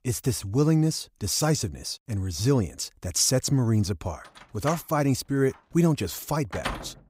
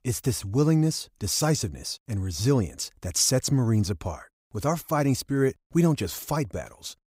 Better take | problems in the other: second | door banging; noticeable; from 4.5 s on; peak 7 dB below the speech

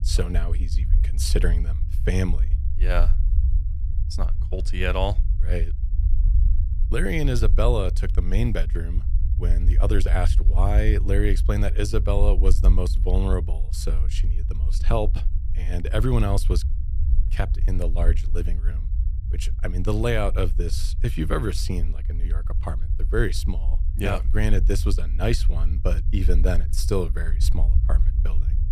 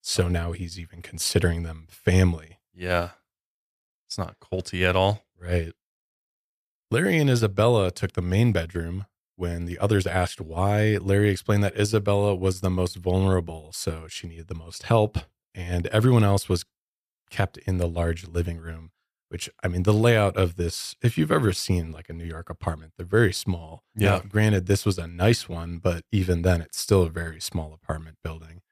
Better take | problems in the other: second | low rumble; noticeable; throughout; 15 dB below the speech

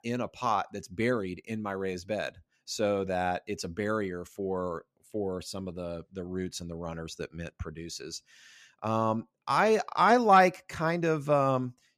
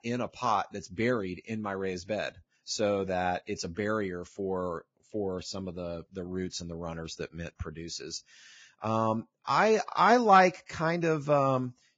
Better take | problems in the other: first | garbled, watery; badly; nothing above 7.5 kHz

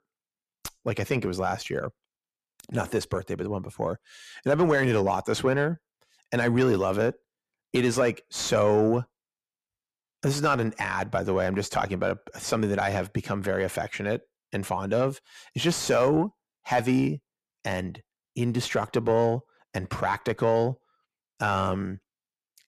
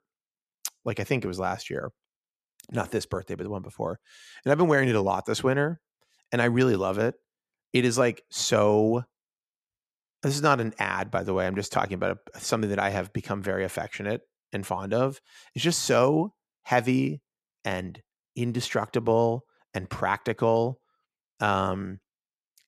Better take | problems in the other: second | distortion; slight; 10 dB below the speech

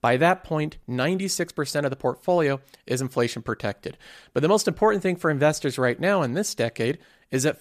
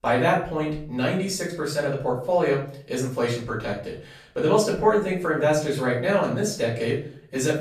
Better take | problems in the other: first | off-mic speech; far // room echo; slight; dies away in 0.4 s

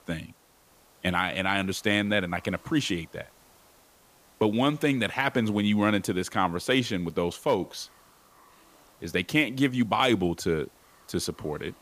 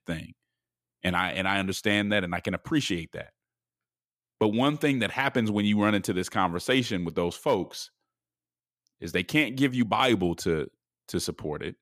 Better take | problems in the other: second | hiss; faint; throughout; 30 dB below the speech

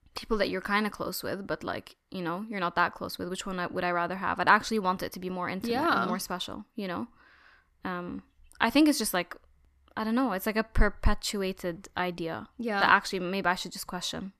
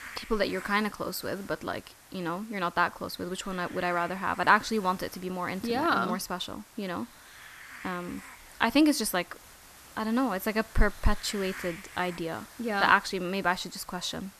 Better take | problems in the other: first | hiss; noticeable; throughout; 20 dB below the speech

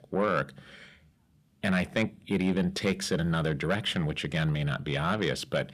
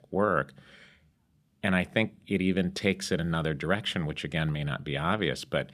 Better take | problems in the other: second | distortion; slight; 10 dB below the speech

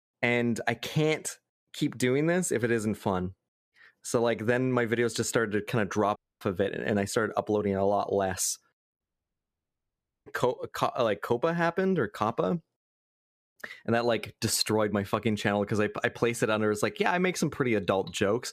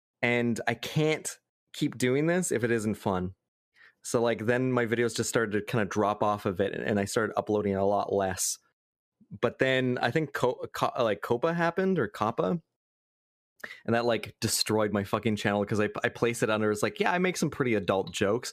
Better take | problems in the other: second | audio cutting out; at 6 s and at 9 s for 1.5 s

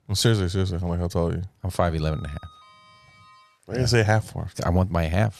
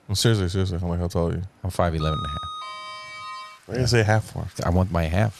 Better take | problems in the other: first | household noises; loud; throughout; 10 dB below the speech; faint in the first

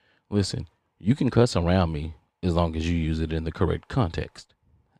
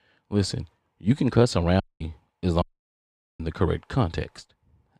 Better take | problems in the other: first | audio cutting out; at 2 s and at 2.5 s for 1 s

